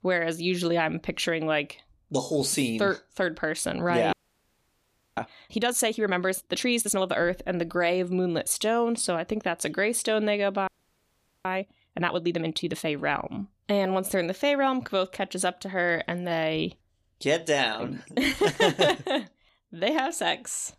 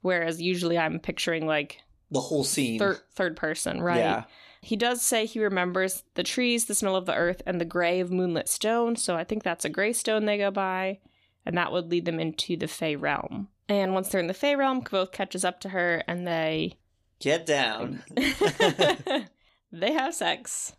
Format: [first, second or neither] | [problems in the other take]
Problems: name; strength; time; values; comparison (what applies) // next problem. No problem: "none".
second | audio freezing; at 4 s for 1 s and at 11 s for 1 s